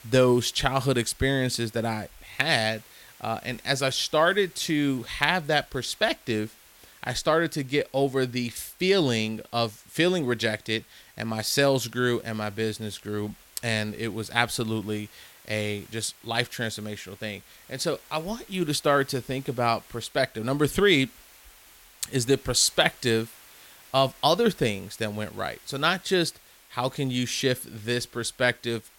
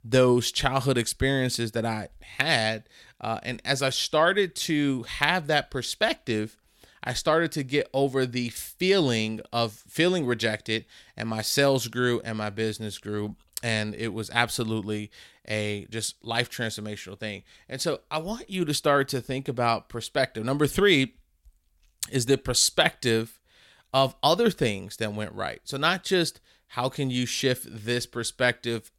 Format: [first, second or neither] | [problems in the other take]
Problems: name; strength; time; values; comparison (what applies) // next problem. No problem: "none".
second | hiss; faint; throughout; 25 dB below the speech